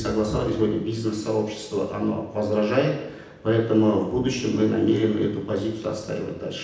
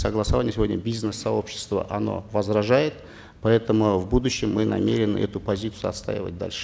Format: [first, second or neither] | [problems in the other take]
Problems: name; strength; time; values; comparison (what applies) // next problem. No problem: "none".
second | room echo; dies away in 0.9 s